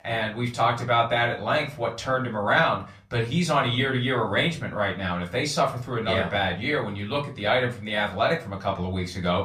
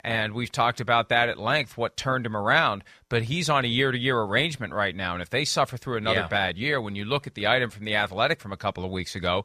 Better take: second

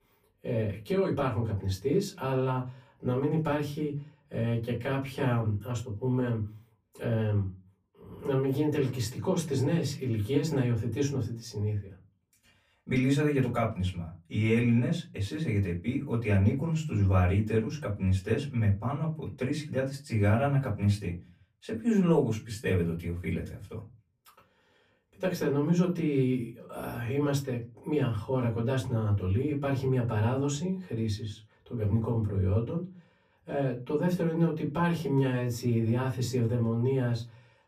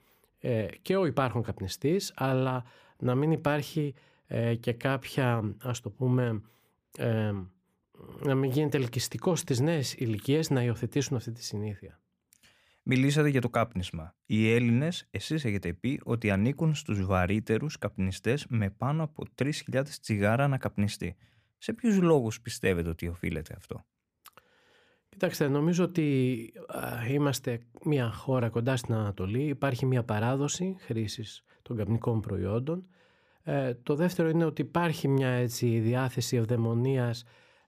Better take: second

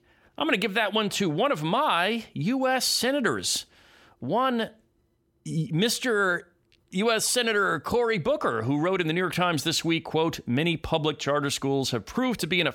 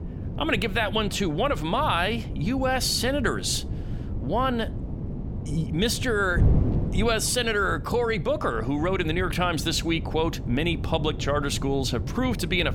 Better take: first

